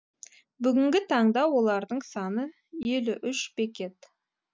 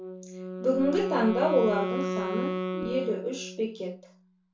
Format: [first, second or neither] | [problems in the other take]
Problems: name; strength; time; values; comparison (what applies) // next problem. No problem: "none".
first | background sound (Wind instrument, woodwind instrument); 5 dB below the speech // room echo; dies away in 0.2 s